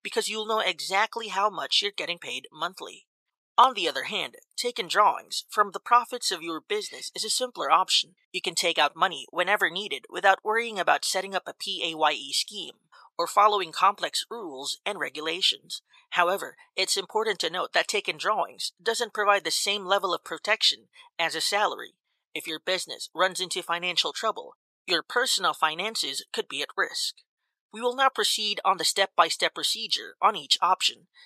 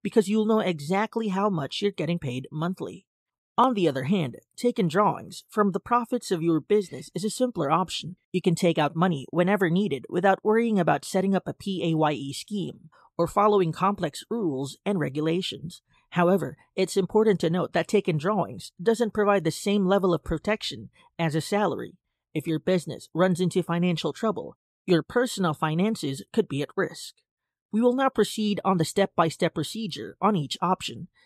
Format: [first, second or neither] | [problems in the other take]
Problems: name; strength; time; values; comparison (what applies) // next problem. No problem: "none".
second | thin; very; fading below 850 Hz